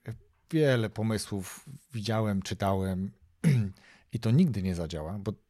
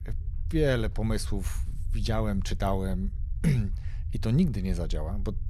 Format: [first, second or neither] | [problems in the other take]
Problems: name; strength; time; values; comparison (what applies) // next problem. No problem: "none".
first | low rumble; faint; throughout; 20 dB below the speech